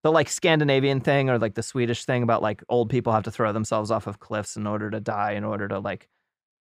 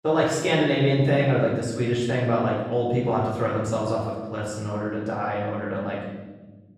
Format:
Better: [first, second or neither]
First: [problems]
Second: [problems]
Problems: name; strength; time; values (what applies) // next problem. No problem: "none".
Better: first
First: none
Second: off-mic speech; far // room echo; noticeable; dies away in 1.2 s